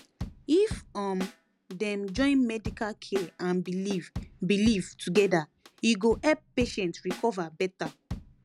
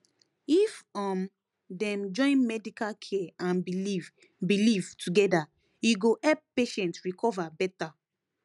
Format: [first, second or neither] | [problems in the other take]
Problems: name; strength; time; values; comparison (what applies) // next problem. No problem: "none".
second | background sound (Drum / Drum kit); 14 dB below the speech